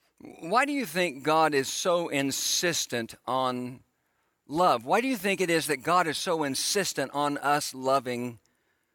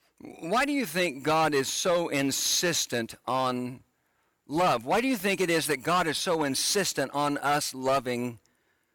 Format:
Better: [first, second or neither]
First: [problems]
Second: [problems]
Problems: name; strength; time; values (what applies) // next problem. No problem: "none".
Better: first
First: none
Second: distortion; slight; 6% of the sound clipped